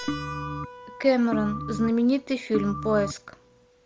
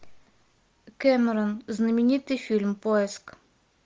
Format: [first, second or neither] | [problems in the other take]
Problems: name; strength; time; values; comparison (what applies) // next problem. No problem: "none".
second | background sound (Organ + Keyboard (musical)); 8 dB below the speech